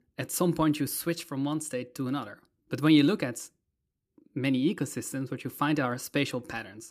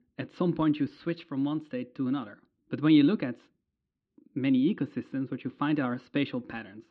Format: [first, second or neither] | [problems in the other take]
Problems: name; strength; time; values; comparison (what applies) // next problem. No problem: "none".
first | muffled; slightly; fading above 4 kHz